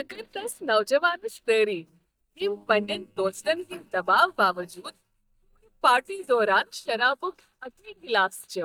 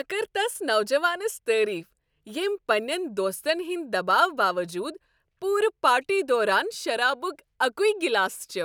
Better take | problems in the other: second | noise reduction (neural mask model DeepFilterNet 3)

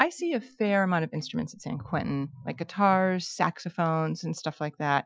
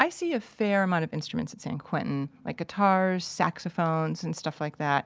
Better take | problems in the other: second | noise reduction (classical method Wiener filter)

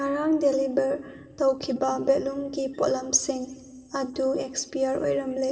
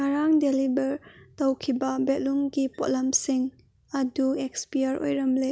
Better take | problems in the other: second | room echo; dies away in 2.4 s

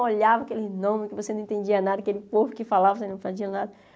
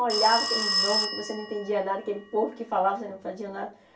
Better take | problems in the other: first | background sound (Telephone); 3 dB below the speech // room echo; dies away in 0.3 s

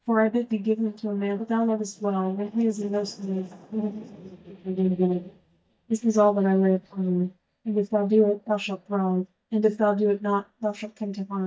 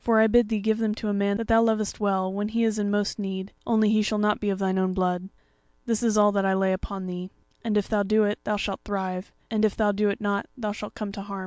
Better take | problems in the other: second | noise reduction (neural mask model DeepFilterNet 3)

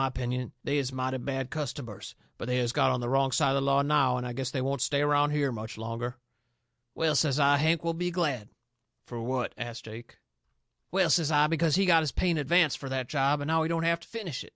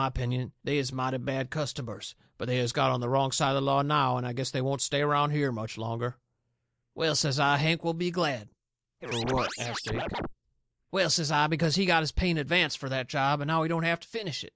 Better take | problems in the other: first | noise reduction (neural mask model Resemble Enhance denoiser)

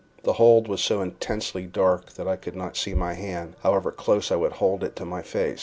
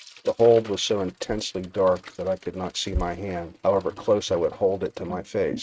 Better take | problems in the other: first | noise reduction (neural mask model RNNoise)

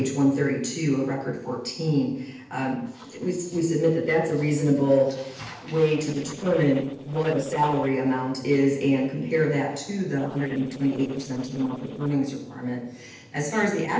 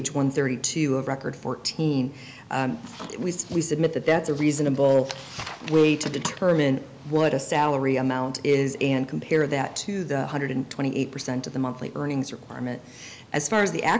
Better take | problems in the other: second | noise reduction (neural separator model SepFormer DNS4)

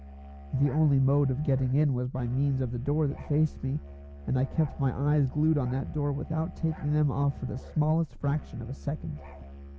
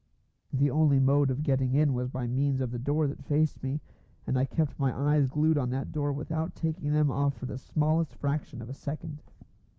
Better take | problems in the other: second | background sound (Musical instrument); 16 dB below the speech

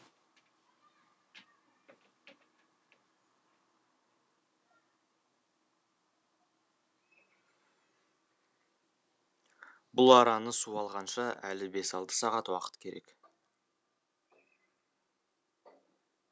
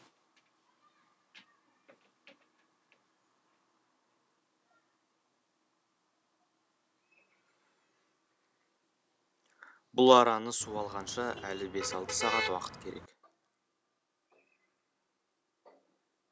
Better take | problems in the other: first | background sound (Motor vehicle (road)); 4 dB below the speech

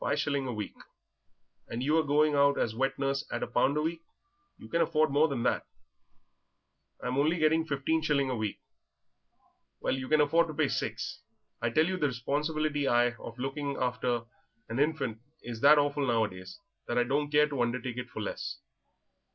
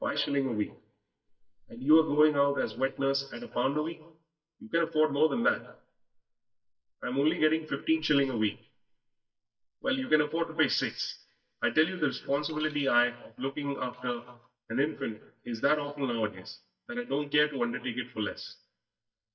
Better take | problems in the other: first | noise reduction (neural mask model DeepFilterNet 3)

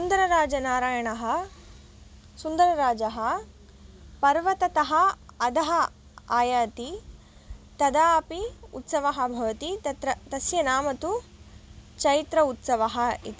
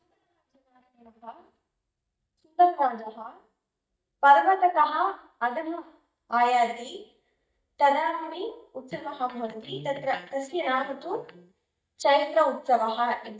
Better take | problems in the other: first | noise reduction (neural mask model DeepFilterNet 3)

